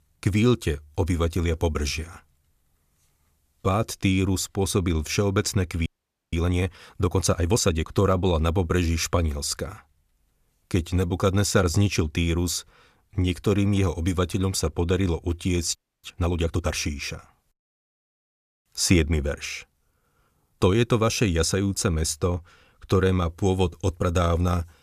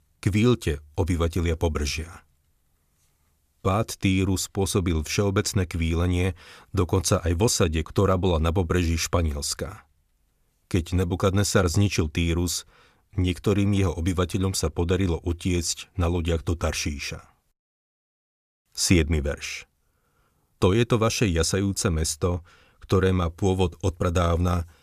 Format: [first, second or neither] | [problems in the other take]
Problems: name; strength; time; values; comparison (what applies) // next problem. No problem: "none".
second | audio freezing; at 6 s and at 16 s